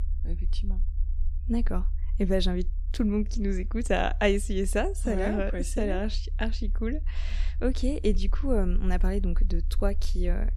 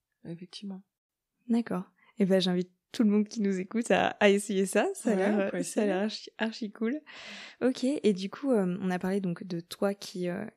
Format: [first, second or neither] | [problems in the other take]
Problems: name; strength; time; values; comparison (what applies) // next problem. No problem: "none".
second | low rumble; faint; throughout; 25 dB below the speech